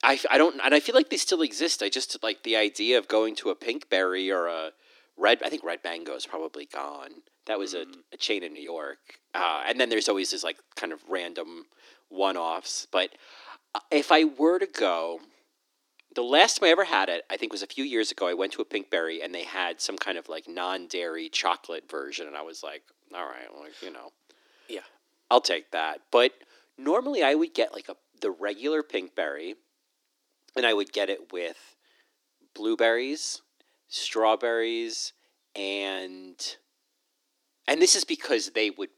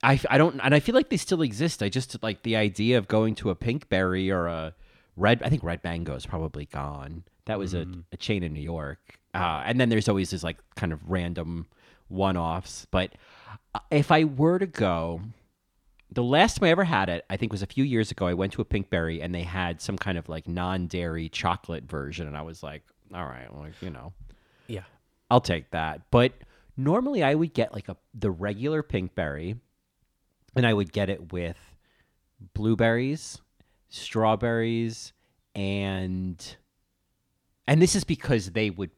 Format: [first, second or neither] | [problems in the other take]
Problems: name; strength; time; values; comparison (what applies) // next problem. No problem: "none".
second | thin; somewhat; fading below 300 Hz